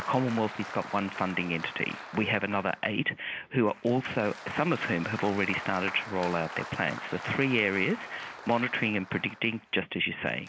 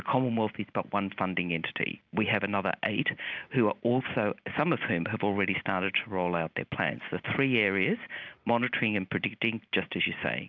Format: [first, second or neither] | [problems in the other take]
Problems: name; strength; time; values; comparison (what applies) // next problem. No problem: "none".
second | background sound (Applause); 13 dB below the speech